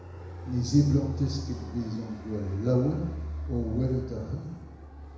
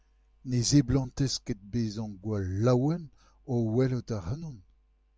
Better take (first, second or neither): second